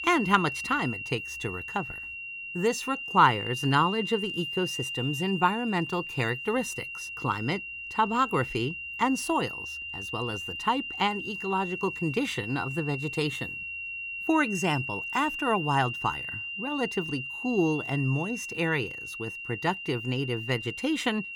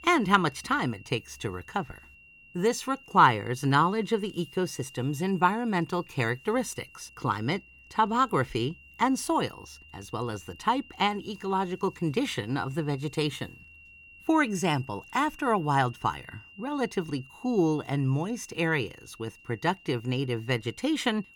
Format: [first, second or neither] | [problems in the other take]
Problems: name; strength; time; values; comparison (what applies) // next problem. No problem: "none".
second | high-pitched whine; loud; throughout; 3 kHz, 5 dB below the speech; faint in the second